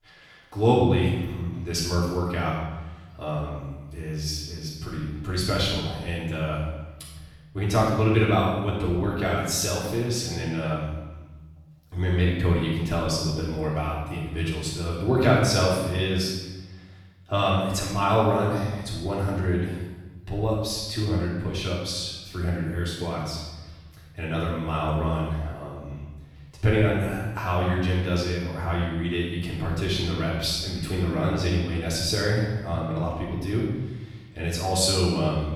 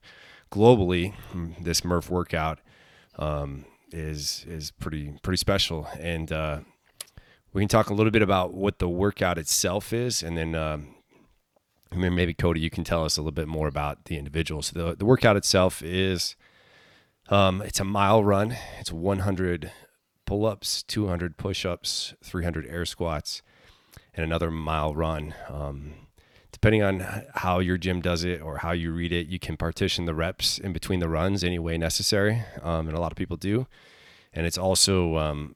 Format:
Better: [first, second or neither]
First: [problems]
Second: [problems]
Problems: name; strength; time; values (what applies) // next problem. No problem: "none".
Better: second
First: off-mic speech; far // room echo; strong; dies away in 1.1 s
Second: none